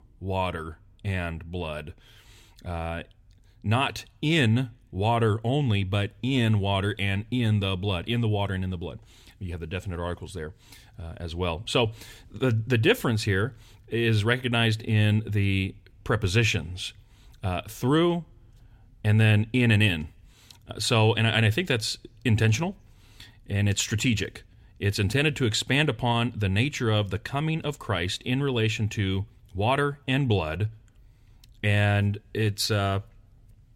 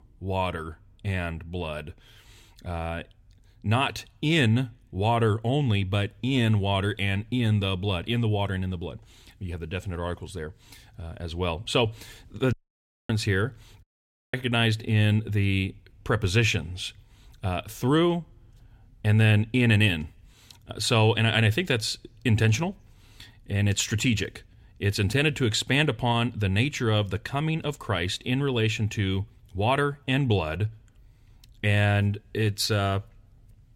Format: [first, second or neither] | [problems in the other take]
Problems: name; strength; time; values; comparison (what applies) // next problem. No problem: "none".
first | audio cutting out; at 13 s for 0.5 s and at 14 s for 0.5 s